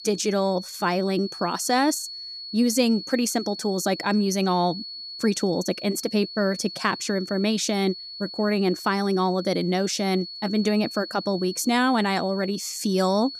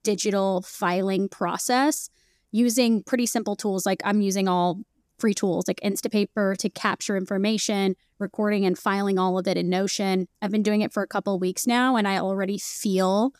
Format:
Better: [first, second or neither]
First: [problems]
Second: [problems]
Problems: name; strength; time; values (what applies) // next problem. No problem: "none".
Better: second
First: high-pitched whine; noticeable; throughout; 4.5 kHz, 10 dB below the speech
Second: none